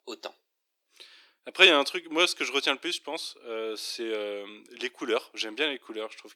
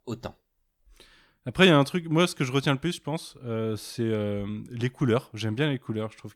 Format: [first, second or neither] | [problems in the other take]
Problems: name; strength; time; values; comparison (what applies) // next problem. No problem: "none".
second | thin; very; fading below 350 Hz